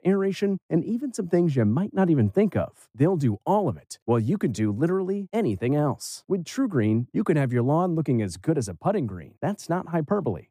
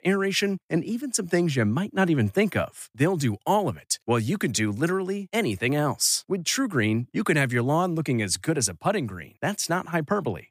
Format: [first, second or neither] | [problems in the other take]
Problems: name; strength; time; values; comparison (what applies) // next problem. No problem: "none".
second | muffled; slightly; fading above 1 kHz